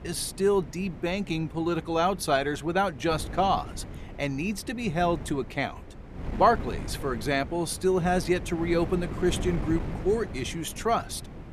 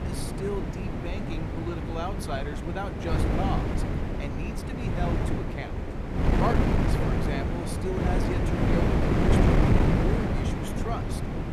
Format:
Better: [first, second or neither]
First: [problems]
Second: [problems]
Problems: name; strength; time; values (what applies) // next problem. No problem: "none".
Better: first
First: wind noise on the microphone; occasional gusts; 15 dB below the speech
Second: wind noise on the microphone; heavy; 4 dB above the speech